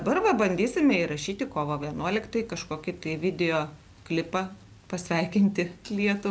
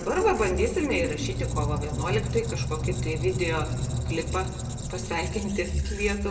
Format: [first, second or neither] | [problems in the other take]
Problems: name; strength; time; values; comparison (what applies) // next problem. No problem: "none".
first | background sound (Squeak); 1 dB below the speech // room echo; dies away in 0.9 s